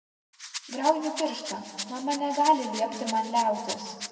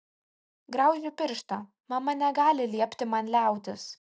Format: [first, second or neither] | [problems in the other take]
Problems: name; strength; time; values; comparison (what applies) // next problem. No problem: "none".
second | background sound (Rattle); 11 dB below the speech // room echo; dies away in 2 s